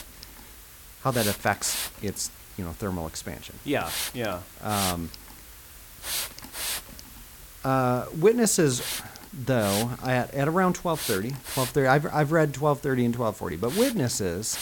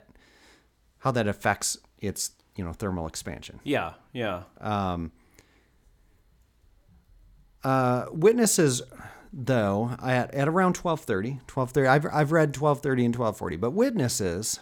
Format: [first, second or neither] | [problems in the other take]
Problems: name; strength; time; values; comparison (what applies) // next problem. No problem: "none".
second | hiss; loud; throughout; 8 dB below the speech